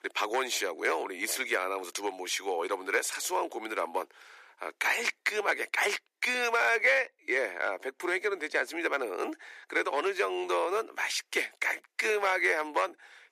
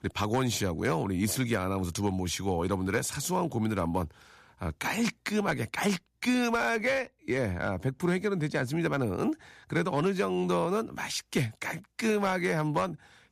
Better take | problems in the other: second | thin; very; fading below 350 Hz

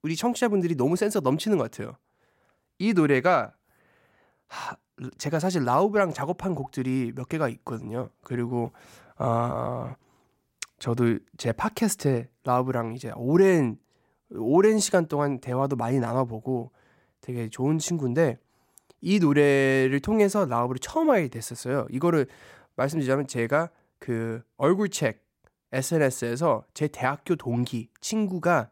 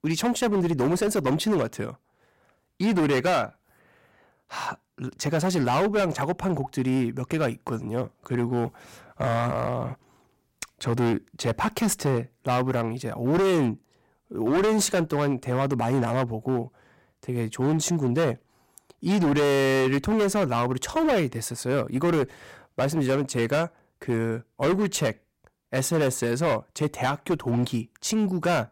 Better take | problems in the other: first | distortion; heavy; 14% of the sound clipped

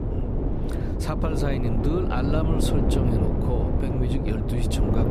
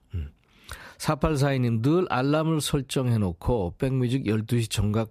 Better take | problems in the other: second | wind noise on the microphone; heavy; as loud as the speech

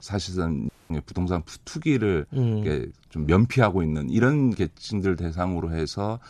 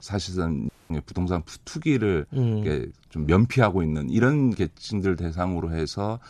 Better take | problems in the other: neither | audio cutting out; at 0.5 s; the same in both

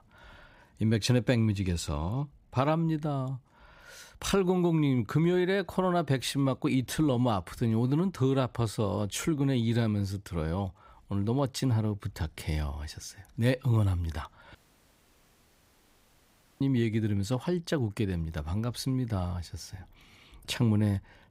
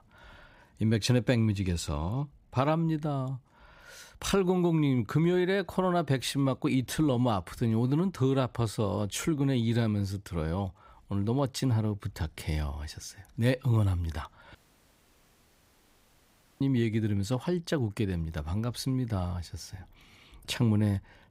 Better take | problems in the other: neither | audio cutting out; at 15 s for 2 s; the same in both

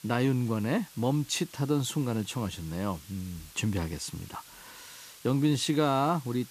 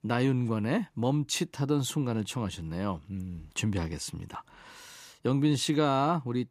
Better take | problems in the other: second | hiss; noticeable; throughout; 20 dB below the speech

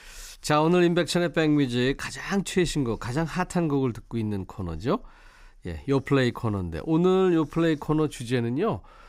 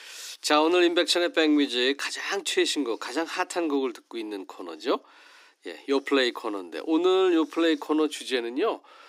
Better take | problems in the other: first | thin; very slightly; fading below 300 Hz

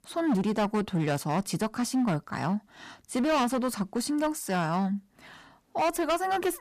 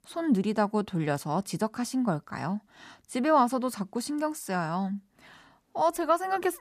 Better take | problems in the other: second | distortion; heavy; 12% of the sound clipped

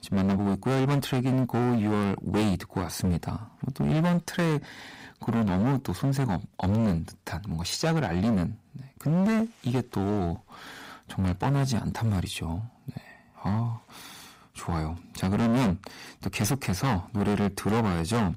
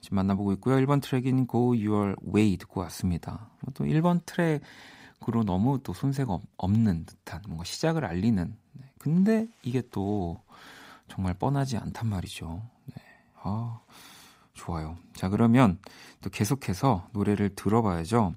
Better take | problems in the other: second | distortion; heavy; 17% of the sound clipped

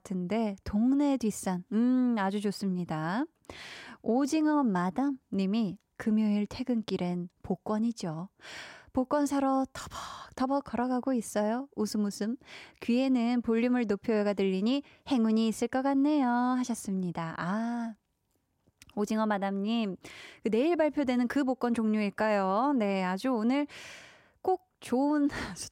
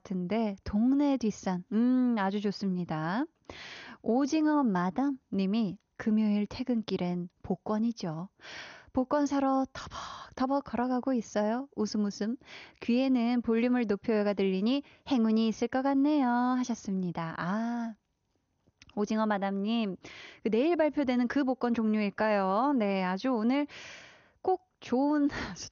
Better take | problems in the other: first | garbled, watery; slightly; nothing above 6.5 kHz

